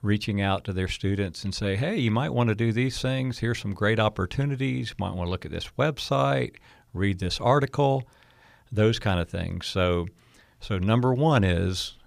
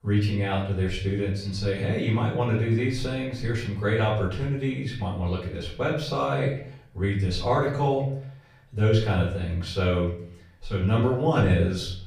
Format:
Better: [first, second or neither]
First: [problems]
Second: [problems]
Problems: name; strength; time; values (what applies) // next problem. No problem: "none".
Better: first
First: none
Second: off-mic speech; far // room echo; noticeable; dies away in 0.6 s